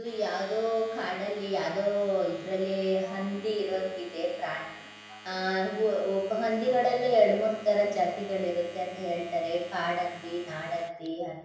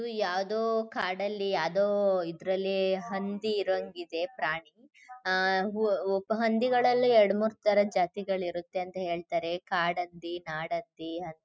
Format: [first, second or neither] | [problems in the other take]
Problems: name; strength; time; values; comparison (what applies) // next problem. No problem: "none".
second | background sound (Domestic sounds, home sounds); 20 dB below the speech // room echo; dies away in 0.9 s